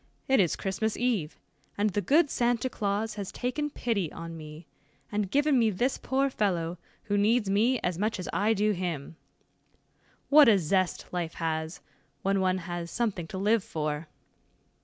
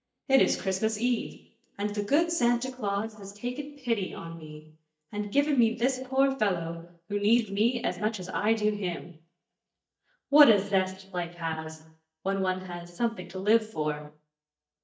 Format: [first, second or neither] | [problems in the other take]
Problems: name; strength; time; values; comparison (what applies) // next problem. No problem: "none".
first | noise reduction (neural mask model DeepFilterNet 3)